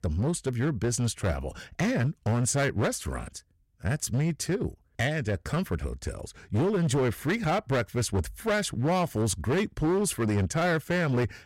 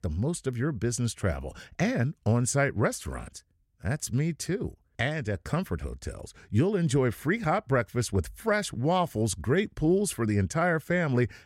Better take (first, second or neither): second